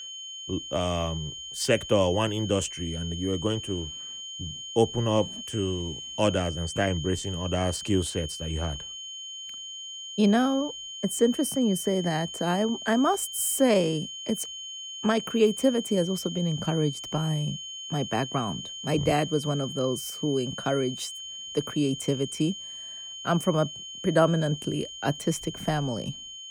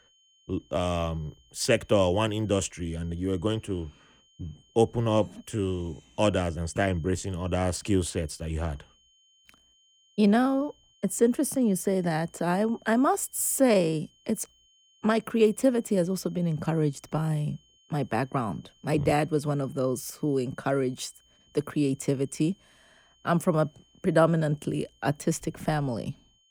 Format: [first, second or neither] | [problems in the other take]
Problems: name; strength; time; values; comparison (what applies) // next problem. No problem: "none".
second | high-pitched whine; loud; throughout; 3 kHz, 9 dB below the speech; faint in the second